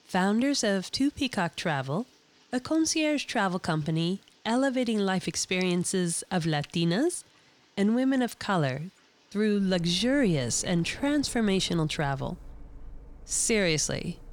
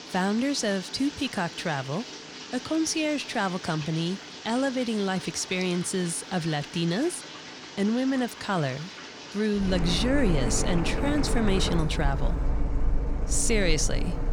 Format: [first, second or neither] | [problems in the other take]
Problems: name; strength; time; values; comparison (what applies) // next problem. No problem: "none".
first | household noises; loud; throughout; 7 dB below the speech; faint in the first